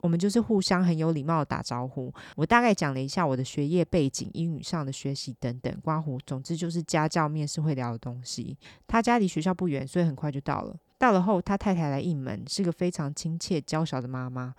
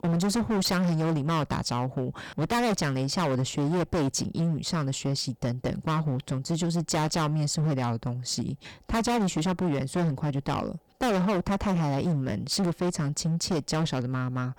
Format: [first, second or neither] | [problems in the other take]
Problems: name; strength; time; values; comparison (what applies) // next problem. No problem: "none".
first | distortion; heavy; 23% of the sound clipped